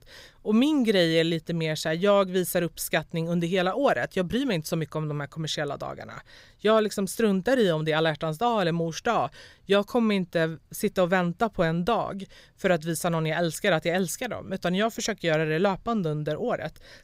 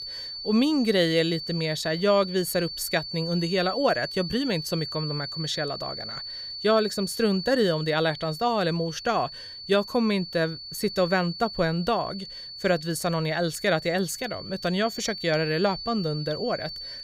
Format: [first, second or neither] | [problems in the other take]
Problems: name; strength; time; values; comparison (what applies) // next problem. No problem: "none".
first | high-pitched whine; loud; throughout; 4.5 kHz, 9 dB below the speech